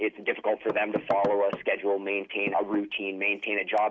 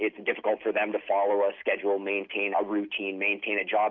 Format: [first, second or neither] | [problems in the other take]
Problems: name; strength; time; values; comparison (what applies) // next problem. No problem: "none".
second | background sound (Knock / Wood); 13 dB below the speech